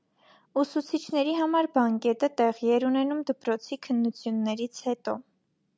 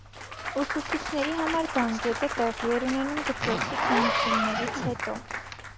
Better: first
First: none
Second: background sound (Zipper (clothing) + Applause / Cheering / Clapping); as loud as the speech

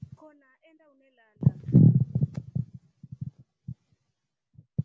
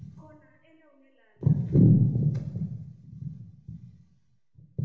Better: first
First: none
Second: room echo; dies away in 1 s

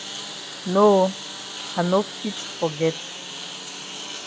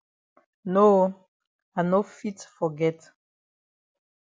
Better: second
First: background sound (Engine); 10 dB below the speech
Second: none

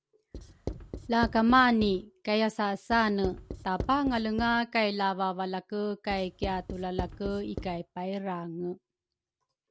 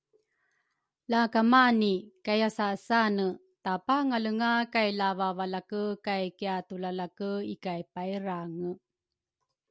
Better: second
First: background sound (Writing); 10 dB below the speech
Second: none

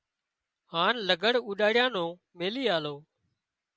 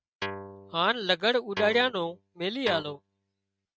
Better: first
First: none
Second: noise reduction (neural mask model RNNoise)

